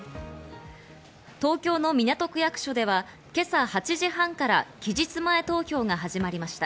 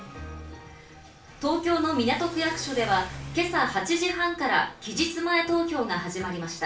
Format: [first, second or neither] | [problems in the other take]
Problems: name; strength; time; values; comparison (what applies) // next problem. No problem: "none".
first | background sound (Accelerating, revving, vroom / Car); 17 dB below the speech // room echo; dies away in 0.3 s